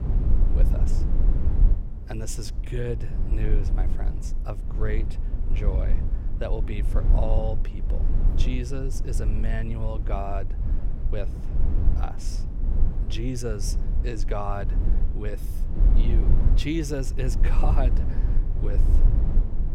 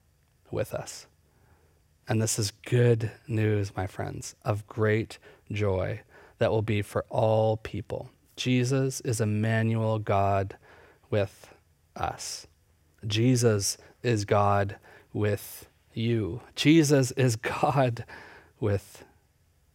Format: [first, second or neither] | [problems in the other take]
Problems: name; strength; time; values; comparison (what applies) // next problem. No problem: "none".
second | low rumble; loud; throughout; 7 dB below the speech